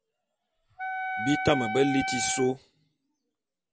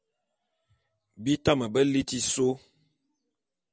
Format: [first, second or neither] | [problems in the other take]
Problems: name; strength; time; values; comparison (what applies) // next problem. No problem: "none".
second | background sound (Wind instrument, woodwind instrument); 2 dB below the speech